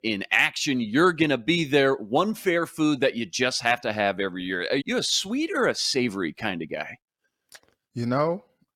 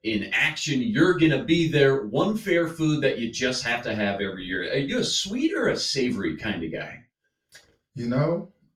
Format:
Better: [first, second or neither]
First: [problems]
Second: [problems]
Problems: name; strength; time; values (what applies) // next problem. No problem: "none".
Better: first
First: none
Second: room echo; slight; dies away in 0.2 s // off-mic speech; far